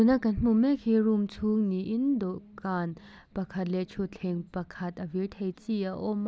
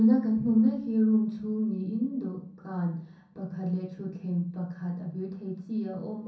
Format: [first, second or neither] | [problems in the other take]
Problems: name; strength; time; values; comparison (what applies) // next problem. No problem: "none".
first | room echo; dies away in 0.6 s